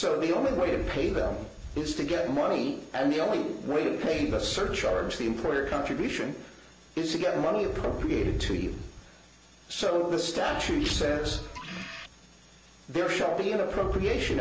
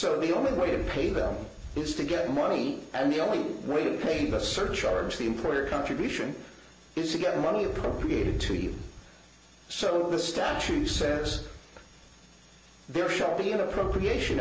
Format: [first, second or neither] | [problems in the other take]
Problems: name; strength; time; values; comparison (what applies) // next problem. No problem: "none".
second | background sound (Printer); 12 dB below the speech